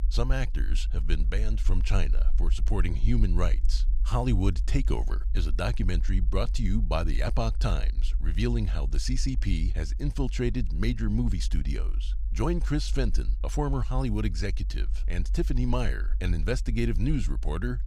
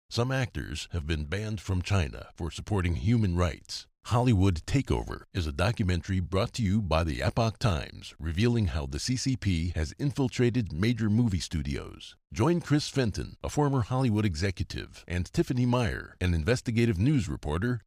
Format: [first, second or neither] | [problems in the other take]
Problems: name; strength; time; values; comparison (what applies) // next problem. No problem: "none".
second | low rumble; noticeable; throughout; 20 dB below the speech